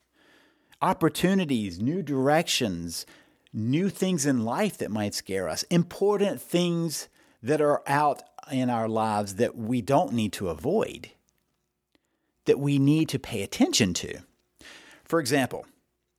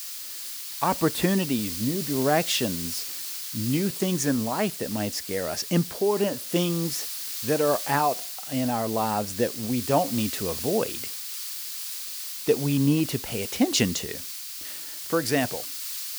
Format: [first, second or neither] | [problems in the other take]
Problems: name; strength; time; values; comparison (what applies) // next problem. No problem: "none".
first | hiss; loud; throughout; 6 dB below the speech